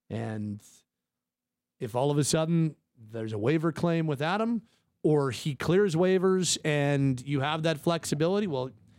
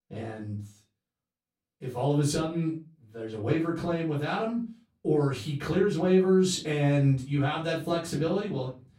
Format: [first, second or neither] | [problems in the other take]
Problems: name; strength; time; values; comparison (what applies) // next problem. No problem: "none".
first | room echo; slight; dies away in 0.3 s // off-mic speech; far